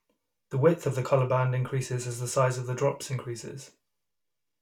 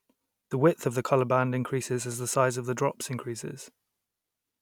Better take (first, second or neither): second